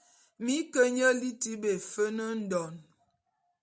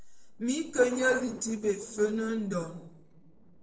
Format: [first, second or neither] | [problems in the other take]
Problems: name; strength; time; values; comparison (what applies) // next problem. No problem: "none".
first | noise reduction (neural separator model SepFormer DNS4)